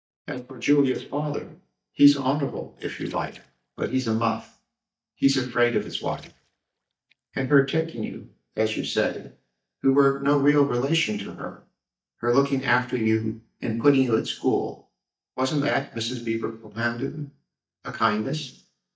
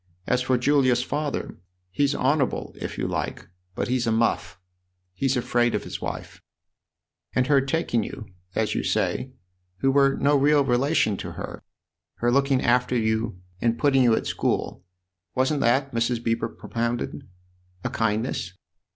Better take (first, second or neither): second